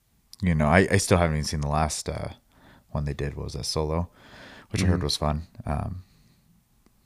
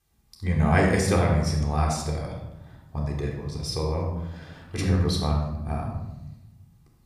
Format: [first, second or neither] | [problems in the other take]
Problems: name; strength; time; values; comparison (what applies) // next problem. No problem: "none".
first | off-mic speech; somewhat distant // room echo; noticeable; dies away in 0.9 s